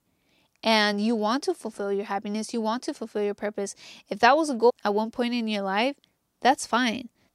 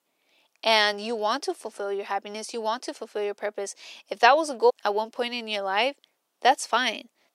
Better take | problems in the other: first | thin; somewhat; fading below 500 Hz

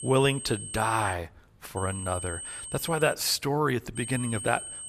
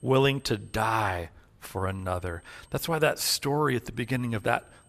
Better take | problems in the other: second | high-pitched whine; loud; until 1 s, from 2 to 3 s and at 4 s; 8.5 kHz, 9 dB below the speech; faint in the second

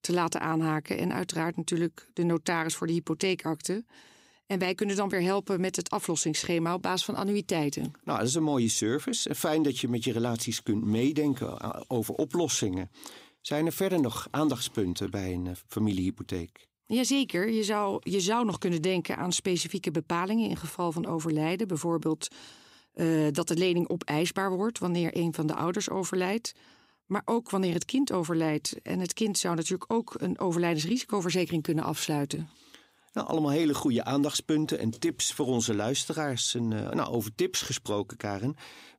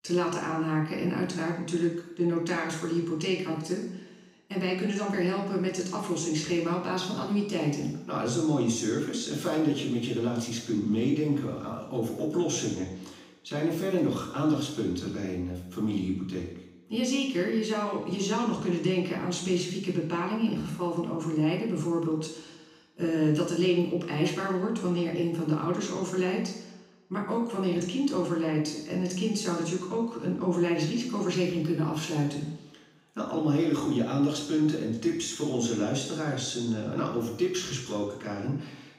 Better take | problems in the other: first | room echo; noticeable; dies away in 0.9 s // off-mic speech; far

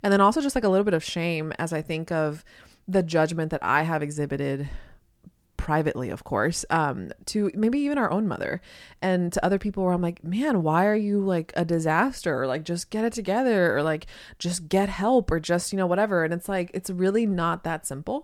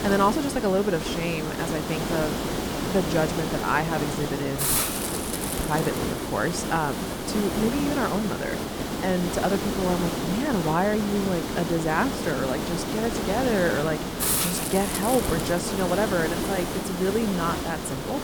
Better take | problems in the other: first | hiss; loud; throughout; 1 dB below the speech

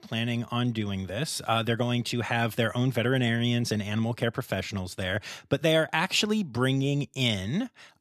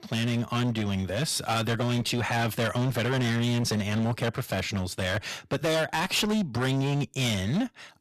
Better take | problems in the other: first | distortion; heavy; 21% of the sound clipped

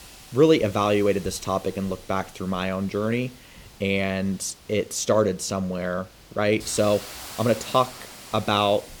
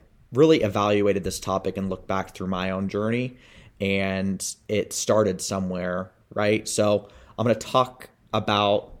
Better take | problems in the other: second | hiss; noticeable; throughout; 20 dB below the speech

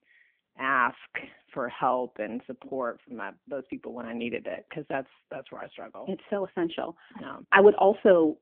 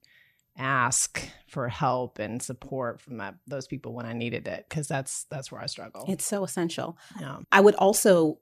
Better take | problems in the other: second | phone-call audio

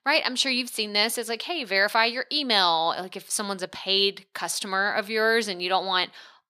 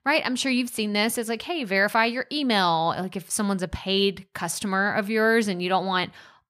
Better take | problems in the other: second | thin; somewhat; fading below 350 Hz

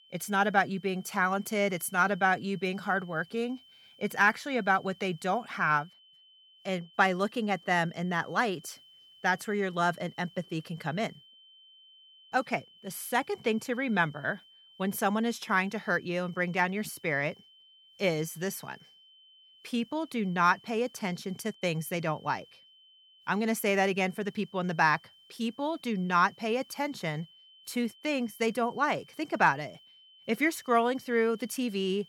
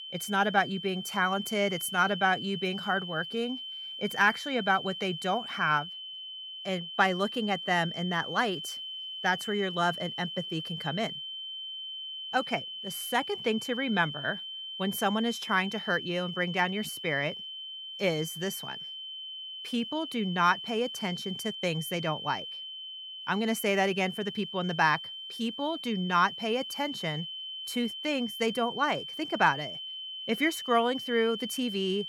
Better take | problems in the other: first | high-pitched whine; loud; throughout; 3 kHz, 7 dB below the speech; faint in the first

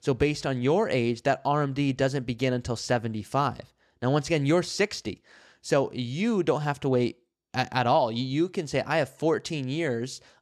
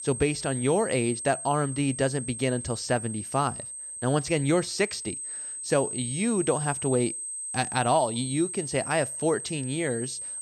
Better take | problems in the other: first | high-pitched whine; loud; throughout; 8.5 kHz, 6 dB below the speech

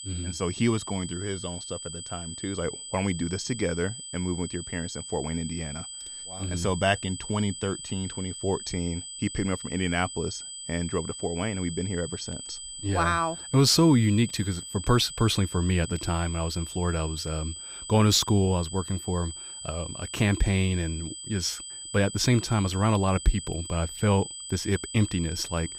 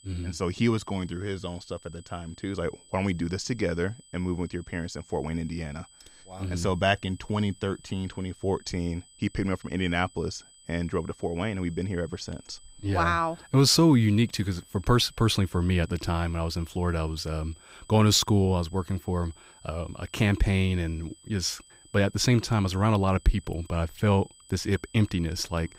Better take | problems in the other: second | high-pitched whine; loud; throughout; 8 kHz, 9 dB below the speech; faint in the second

